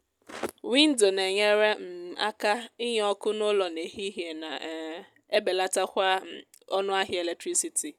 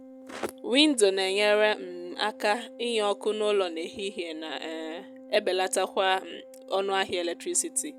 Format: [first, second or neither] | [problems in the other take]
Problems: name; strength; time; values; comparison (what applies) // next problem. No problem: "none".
first | background sound (Organ); 19 dB below the speech